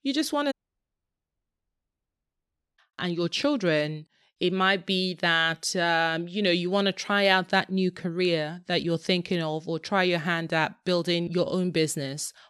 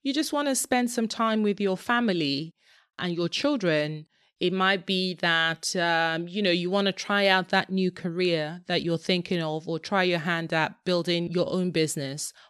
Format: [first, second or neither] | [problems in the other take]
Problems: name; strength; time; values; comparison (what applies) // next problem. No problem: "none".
second | audio cutting out; at 0.5 s for 2.5 s